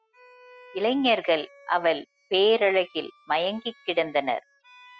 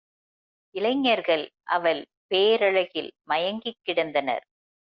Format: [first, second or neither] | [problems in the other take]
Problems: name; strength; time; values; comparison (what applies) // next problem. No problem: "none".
second | noise reduction (classical method spectral subtraction)